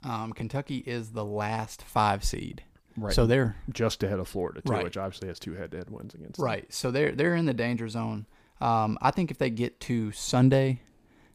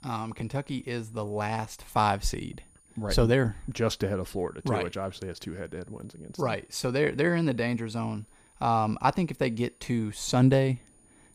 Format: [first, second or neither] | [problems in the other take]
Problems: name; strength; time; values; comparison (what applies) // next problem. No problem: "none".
first | high-pitched whine; faint; throughout; 9.5 kHz, 30 dB below the speech